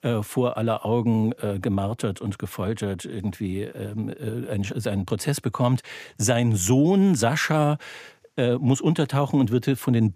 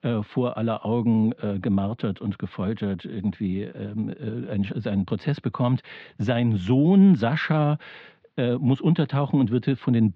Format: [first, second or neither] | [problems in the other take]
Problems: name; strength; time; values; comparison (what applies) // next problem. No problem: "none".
first | muffled; very; fading above 4 kHz